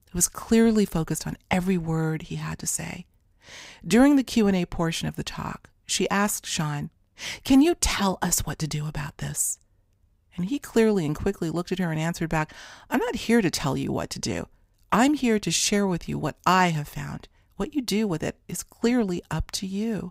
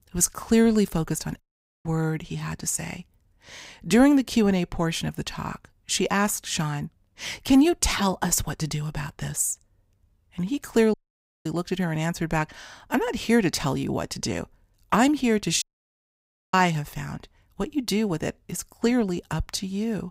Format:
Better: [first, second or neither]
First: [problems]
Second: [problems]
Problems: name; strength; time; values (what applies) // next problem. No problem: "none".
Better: first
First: none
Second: audio cutting out; at 1.5 s, at 11 s for 0.5 s and at 16 s for 1 s